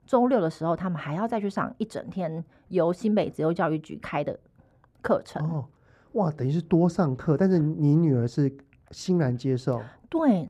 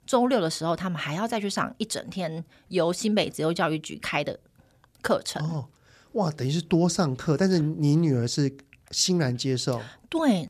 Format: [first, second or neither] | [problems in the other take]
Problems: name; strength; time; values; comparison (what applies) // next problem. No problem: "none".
second | muffled; very; fading above 2 kHz